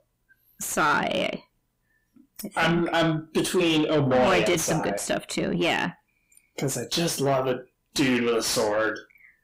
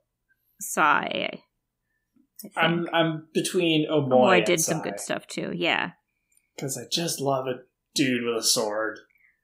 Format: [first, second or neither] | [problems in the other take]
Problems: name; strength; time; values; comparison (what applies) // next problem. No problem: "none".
second | distortion; heavy; 7 dB below the speech